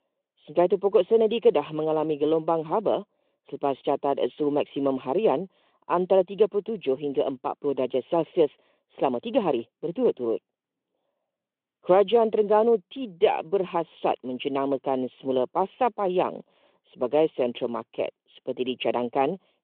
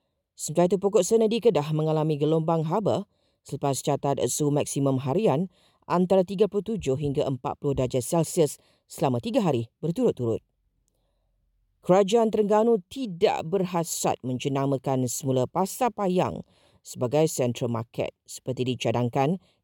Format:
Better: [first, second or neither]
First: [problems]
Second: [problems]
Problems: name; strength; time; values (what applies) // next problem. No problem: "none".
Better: second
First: phone-call audio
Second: none